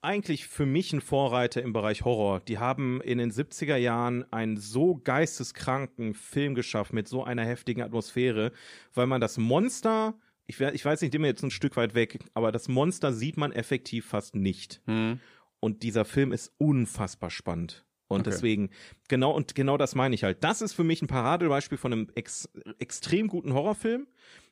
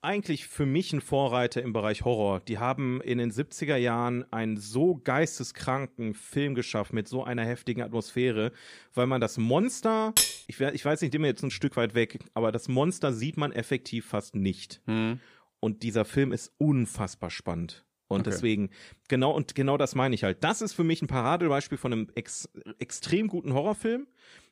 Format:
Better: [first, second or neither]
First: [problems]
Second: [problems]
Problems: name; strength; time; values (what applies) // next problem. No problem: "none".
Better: first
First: none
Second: clattering dishes; loud; at 10 s; peak 6 dB above the speech